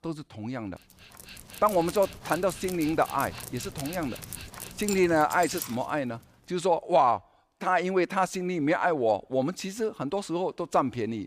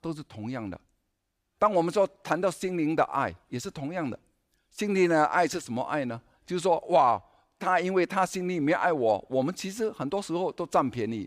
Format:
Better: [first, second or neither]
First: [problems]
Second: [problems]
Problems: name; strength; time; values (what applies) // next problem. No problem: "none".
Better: second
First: dog barking; noticeable; from 1 to 6 s; peak 8 dB below the speech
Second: none